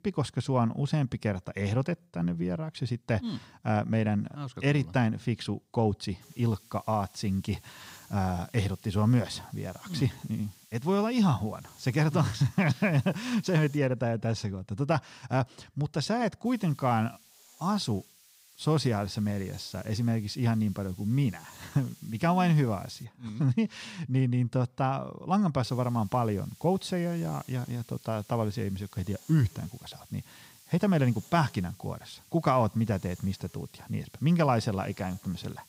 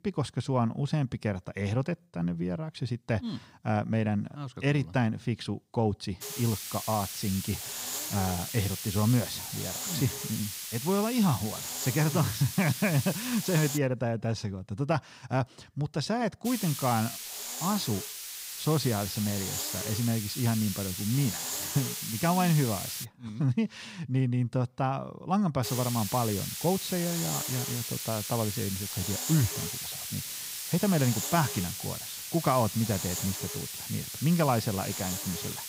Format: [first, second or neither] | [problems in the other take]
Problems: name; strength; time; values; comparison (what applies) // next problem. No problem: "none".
first | hiss; loud; from 6 to 14 s, from 16 to 23 s and from 26 s on; 4 dB below the speech; faint in the first